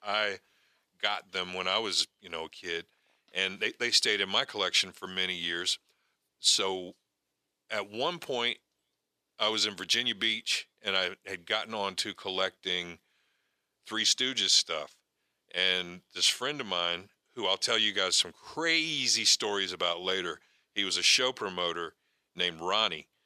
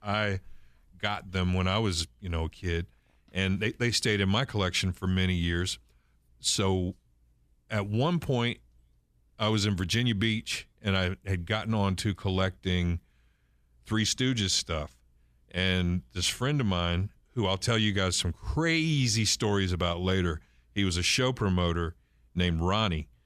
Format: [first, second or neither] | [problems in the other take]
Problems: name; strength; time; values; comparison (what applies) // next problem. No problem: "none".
second | thin; very; fading below 500 Hz